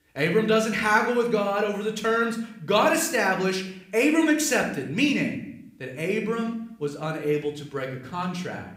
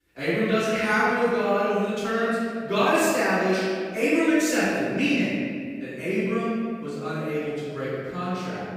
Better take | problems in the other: first | room echo; strong; dies away in 1.8 s; slight in the first // off-mic speech; far; somewhat distant in the first

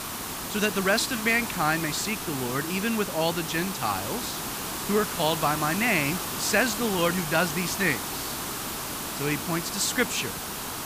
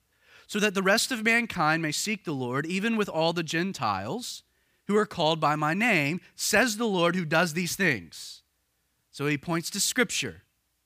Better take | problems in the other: second | hiss; loud; throughout; 4 dB below the speech

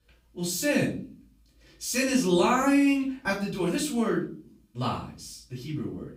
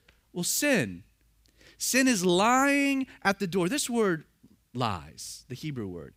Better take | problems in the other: second | off-mic speech; far // room echo; slight; dies away in 0.4 s

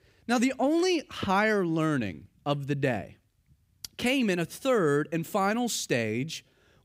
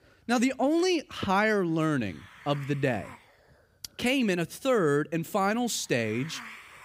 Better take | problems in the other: first | hiss; faint; throughout; 20 dB below the speech

